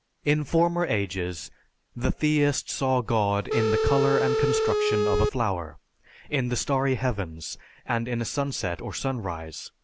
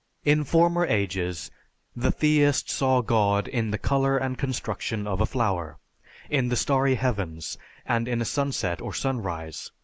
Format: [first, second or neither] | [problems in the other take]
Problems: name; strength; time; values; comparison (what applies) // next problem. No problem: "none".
second | background sound (Telephone); 2 dB above the speech